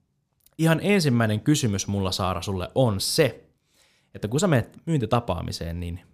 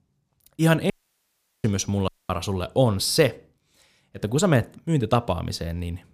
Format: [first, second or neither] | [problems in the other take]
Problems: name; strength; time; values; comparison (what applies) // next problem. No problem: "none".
first | audio cutting out; at 1 s for 0.5 s and at 2 s